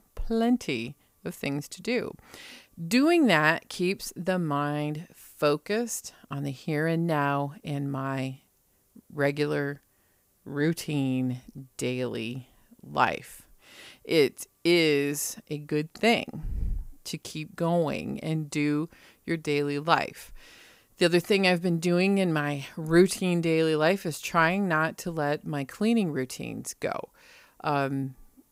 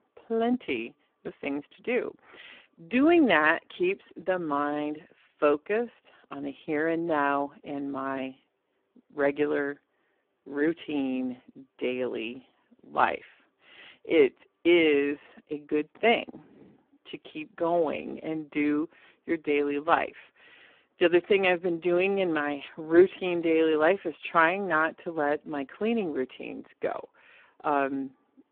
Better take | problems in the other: first | phone-call audio; poor line

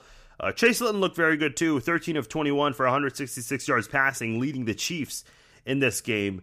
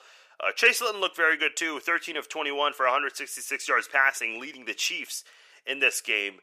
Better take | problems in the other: first | thin; very; fading below 500 Hz

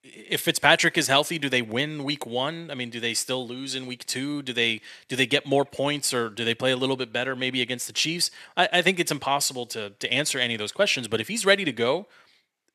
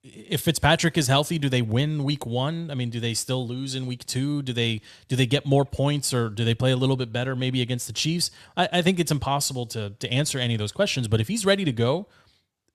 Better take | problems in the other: second | thin; somewhat; fading below 300 Hz

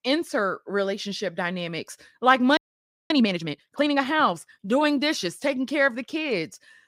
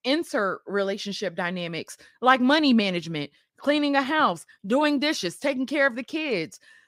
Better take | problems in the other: second | audio freezing; at 2.5 s for 0.5 s

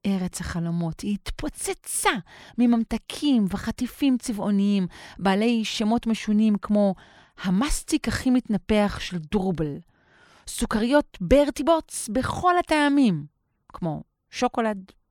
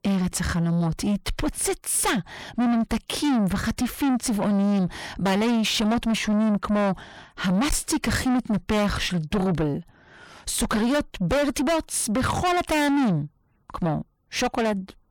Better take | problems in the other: first | distortion; heavy; 6 dB below the speech

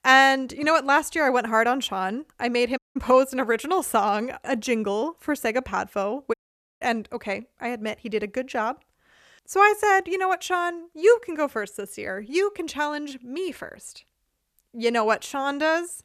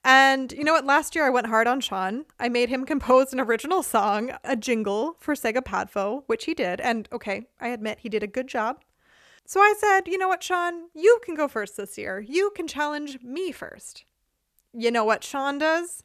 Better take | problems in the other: second | audio cutting out; at 3 s and at 6.5 s

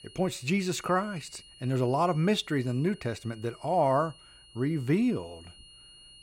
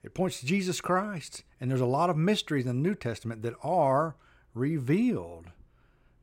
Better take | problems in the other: second | high-pitched whine; faint; throughout; 3 kHz, 25 dB below the speech

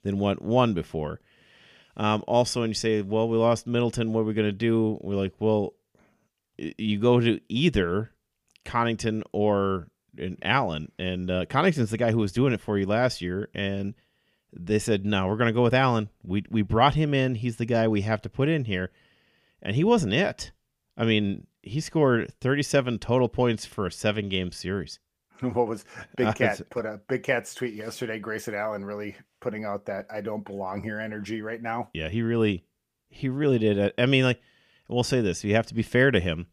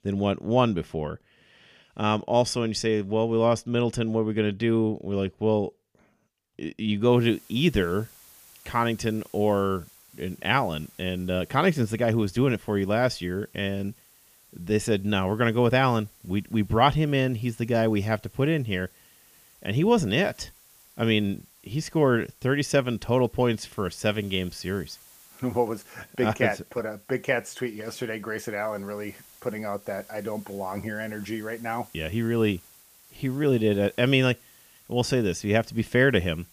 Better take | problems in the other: first | hiss; faint; from 7 s on; 25 dB below the speech

